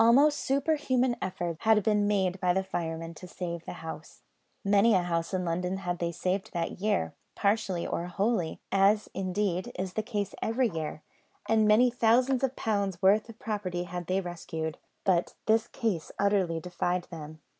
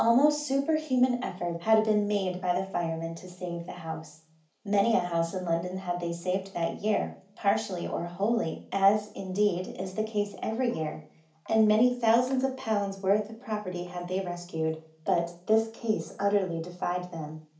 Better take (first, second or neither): first